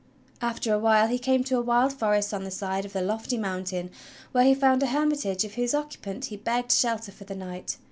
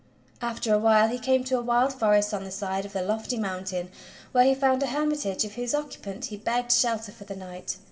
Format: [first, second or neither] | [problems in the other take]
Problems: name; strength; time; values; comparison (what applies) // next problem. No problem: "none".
first | room echo; dies away in 1.9 s